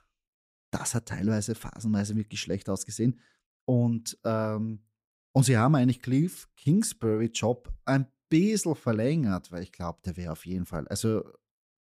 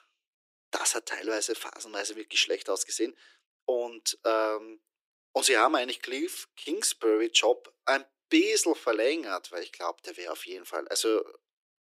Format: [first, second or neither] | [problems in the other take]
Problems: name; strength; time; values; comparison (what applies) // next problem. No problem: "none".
first | thin; very; fading below 300 Hz